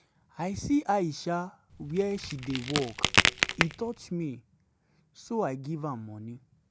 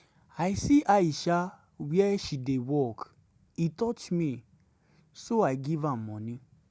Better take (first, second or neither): second